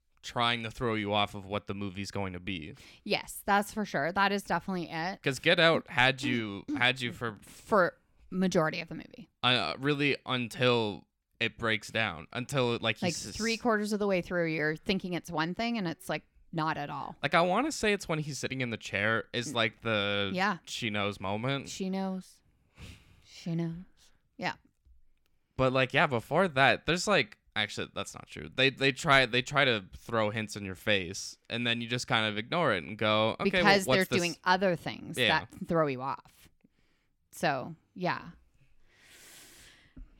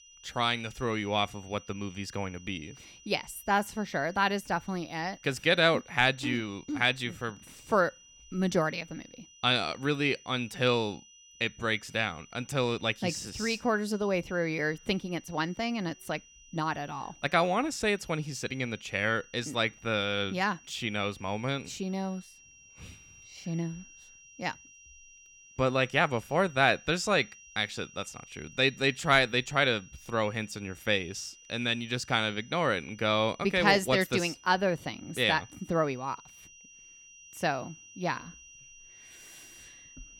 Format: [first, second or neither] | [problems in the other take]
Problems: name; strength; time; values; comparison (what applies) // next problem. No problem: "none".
first | high-pitched whine; faint; throughout; 6 kHz, 25 dB below the speech